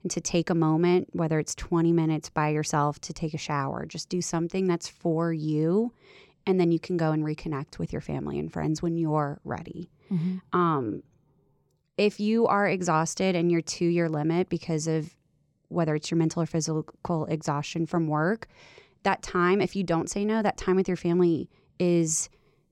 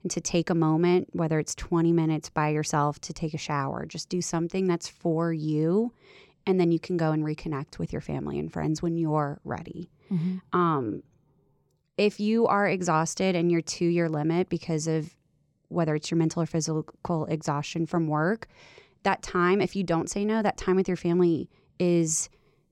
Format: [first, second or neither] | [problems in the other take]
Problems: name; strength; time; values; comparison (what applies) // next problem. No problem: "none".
neither | none